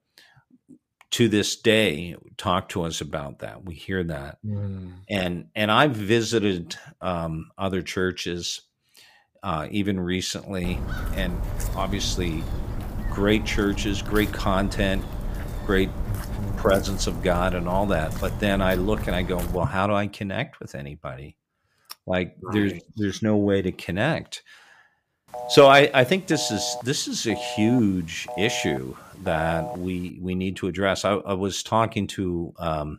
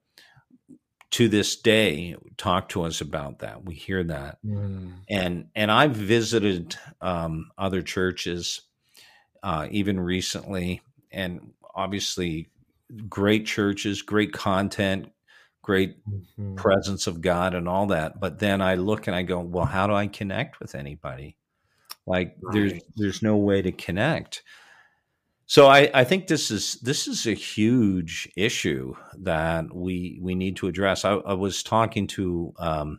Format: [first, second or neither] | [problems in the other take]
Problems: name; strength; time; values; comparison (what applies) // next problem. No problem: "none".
second | footsteps; noticeable; from 11 to 20 s; peak 6 dB below the speech // phone ringing; noticeable; from 25 to 30 s; peak 9 dB below the speech